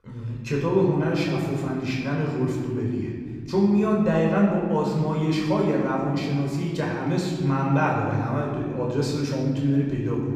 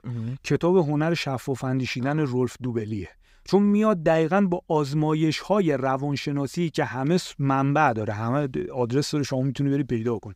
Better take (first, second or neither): second